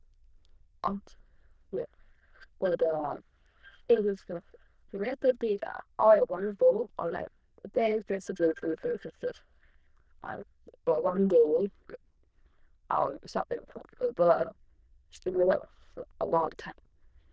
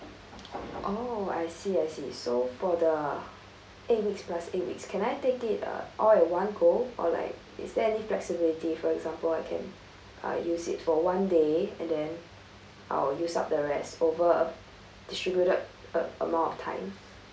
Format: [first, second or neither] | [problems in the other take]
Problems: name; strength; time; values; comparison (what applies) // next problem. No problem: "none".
second | noise reduction (neural diffusion model UNIVERSE++)